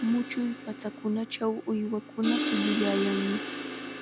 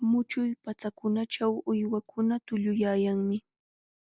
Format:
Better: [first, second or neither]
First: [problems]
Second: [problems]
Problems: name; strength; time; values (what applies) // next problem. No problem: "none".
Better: second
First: background sound (Crash cymbal); 4 dB below the speech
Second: none